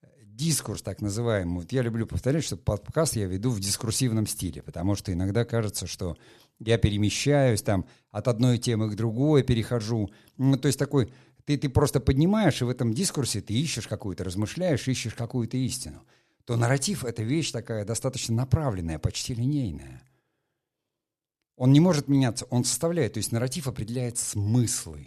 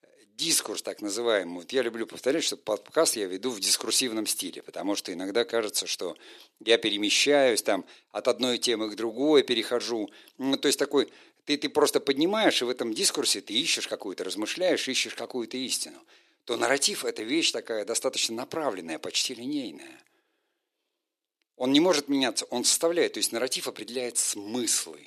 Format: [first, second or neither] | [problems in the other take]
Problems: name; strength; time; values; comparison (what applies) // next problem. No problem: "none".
first | thin; somewhat; fading below 350 Hz